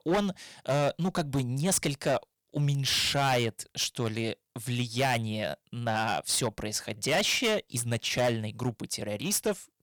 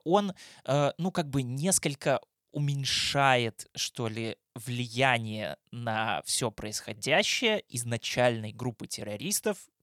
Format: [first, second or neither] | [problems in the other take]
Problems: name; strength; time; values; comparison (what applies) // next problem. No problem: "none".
second | distortion; heavy; 9% of the sound clipped